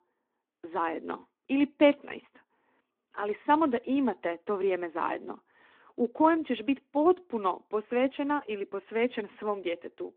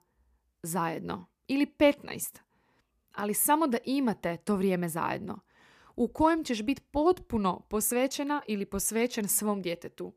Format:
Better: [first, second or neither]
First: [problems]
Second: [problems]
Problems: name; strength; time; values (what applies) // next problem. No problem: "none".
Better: second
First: phone-call audio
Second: none